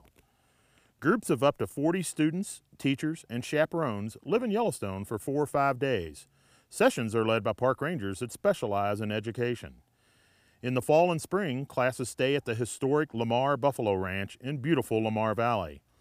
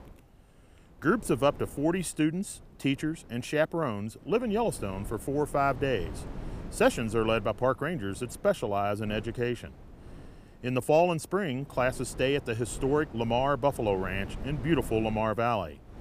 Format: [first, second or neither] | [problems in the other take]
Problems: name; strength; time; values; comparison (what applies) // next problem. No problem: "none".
first | wind noise on the microphone; occasional gusts; 20 dB below the speech